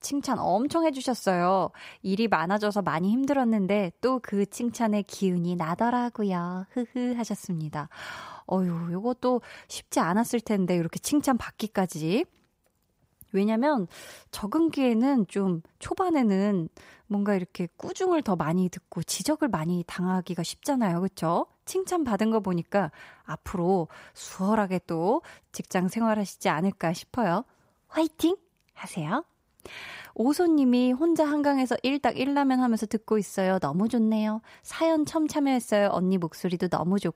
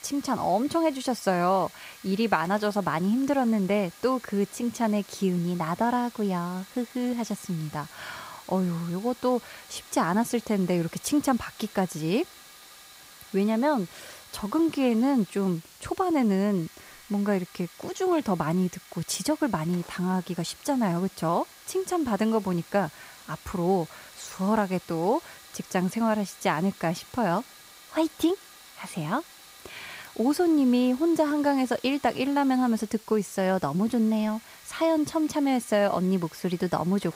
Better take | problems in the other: first | hiss; faint; throughout; 20 dB below the speech

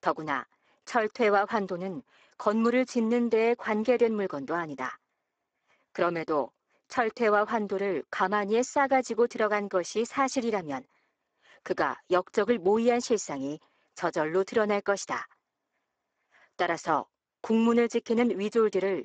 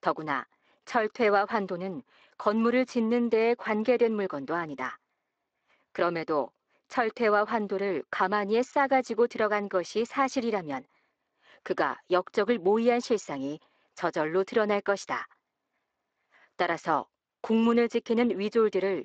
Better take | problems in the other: second | garbled, watery; badly; nothing above 7.5 kHz; slightly in the second

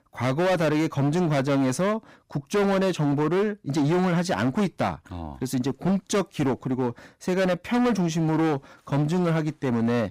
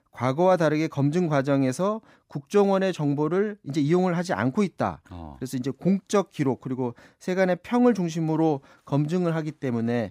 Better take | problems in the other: second | distortion; heavy; 20% of the sound clipped

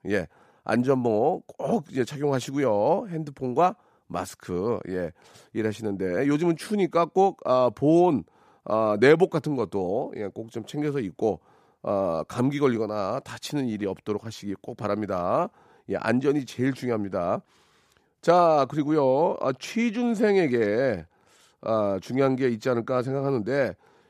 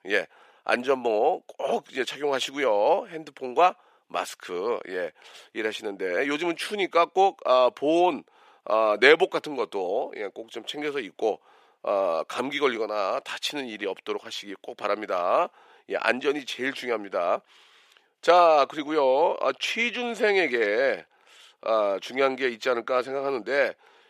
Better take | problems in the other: first | thin; somewhat; fading below 500 Hz

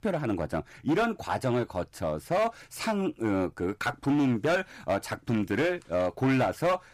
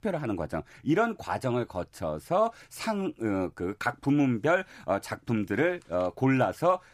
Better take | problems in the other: second | distortion; slight; 8% of the sound clipped

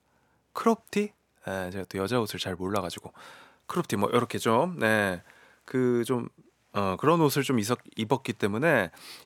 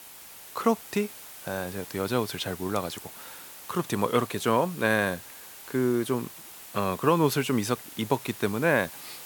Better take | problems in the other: first | hiss; noticeable; throughout; 15 dB below the speech

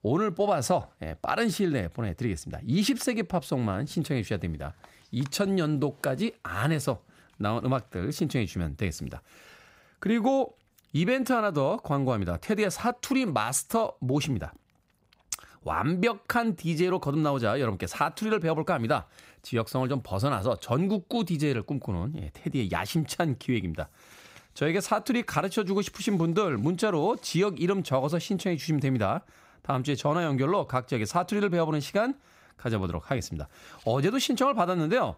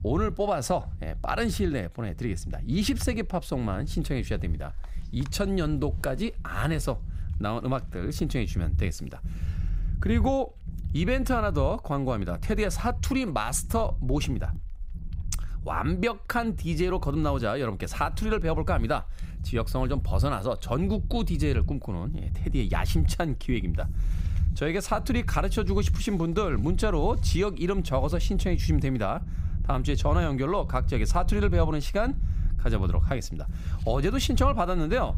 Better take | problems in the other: first | low rumble; noticeable; throughout; 20 dB below the speech

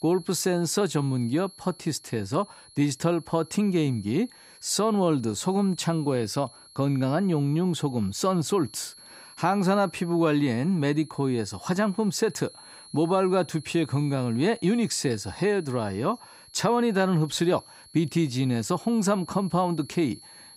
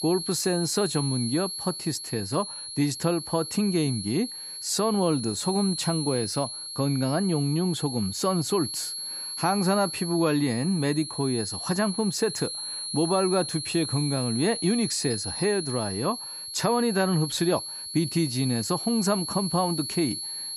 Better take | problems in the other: first | high-pitched whine; loud; throughout; 4.5 kHz, 5 dB below the speech; faint in the first

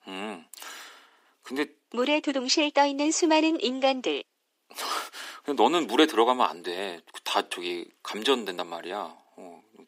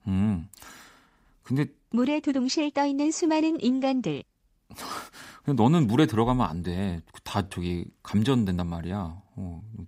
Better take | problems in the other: second | thin; somewhat; fading below 350 Hz

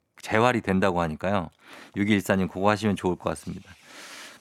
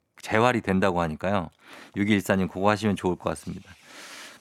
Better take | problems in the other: neither | none

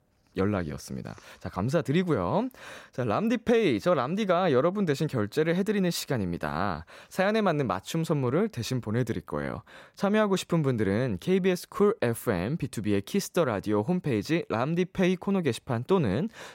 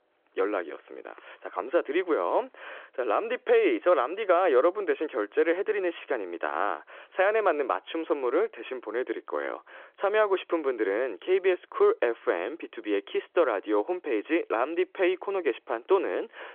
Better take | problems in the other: first | phone-call audio; nothing above 3.5 kHz

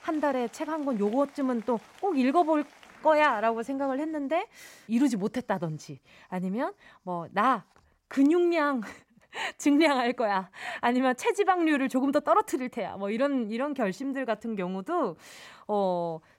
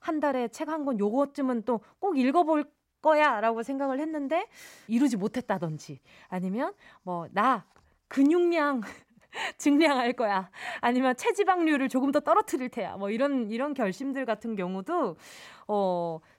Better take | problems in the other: second | crowd noise; faint; until 4 s; 25 dB below the speech

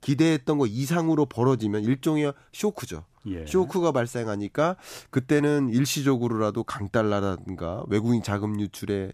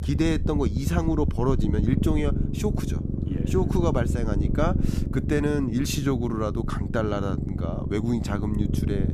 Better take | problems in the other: first | low rumble; loud; throughout; 7 dB below the speech

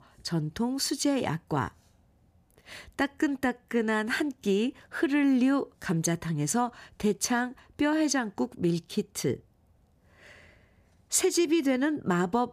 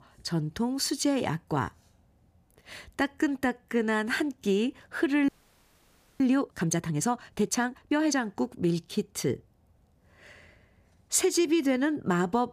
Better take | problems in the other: first | audio freezing; at 5.5 s for 1 s

